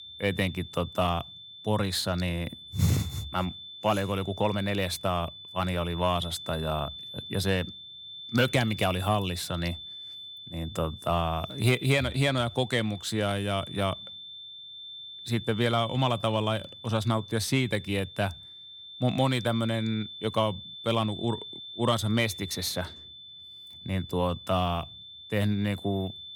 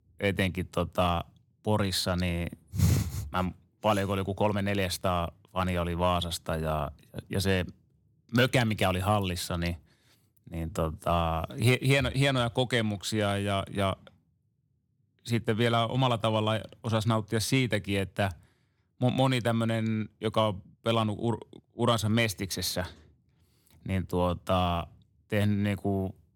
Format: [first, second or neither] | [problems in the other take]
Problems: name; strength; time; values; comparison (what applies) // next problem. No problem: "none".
second | high-pitched whine; noticeable; throughout; 3.5 kHz, 10 dB below the speech